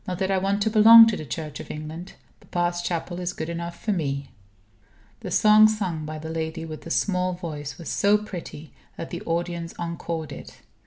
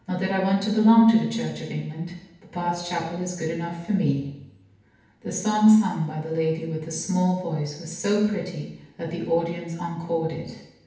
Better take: first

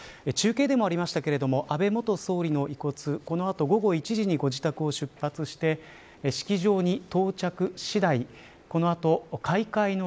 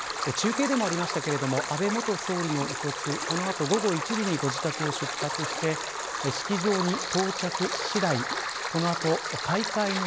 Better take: first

